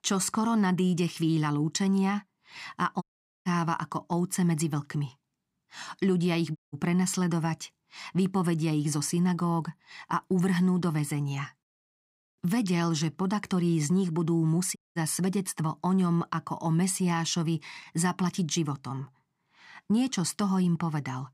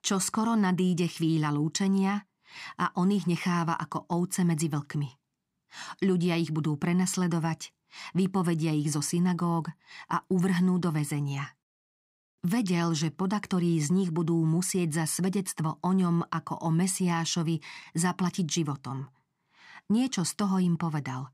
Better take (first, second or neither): second